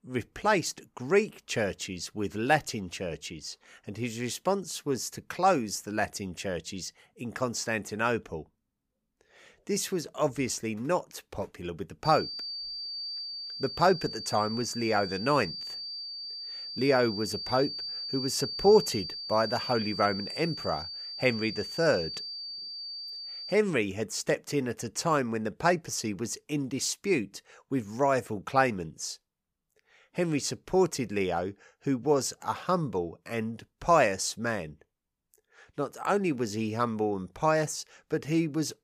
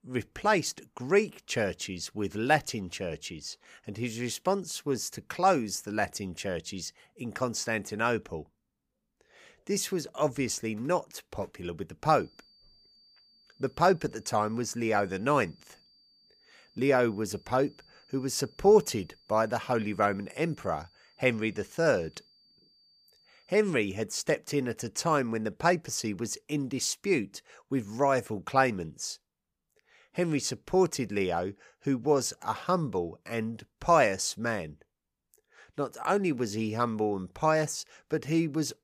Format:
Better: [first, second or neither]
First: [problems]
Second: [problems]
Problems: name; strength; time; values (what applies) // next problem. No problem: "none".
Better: second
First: high-pitched whine; loud; from 12 to 24 s; 4.5 kHz, 6 dB below the speech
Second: high-pitched whine; faint; from 12 to 24 s; 4.5 kHz, 30 dB below the speech